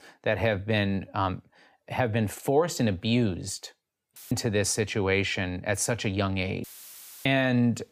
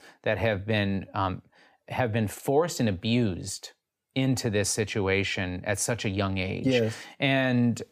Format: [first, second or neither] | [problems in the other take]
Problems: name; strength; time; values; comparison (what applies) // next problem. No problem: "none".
second | audio cutting out; filled with static; at 4 s and at 6.5 s for 0.5 s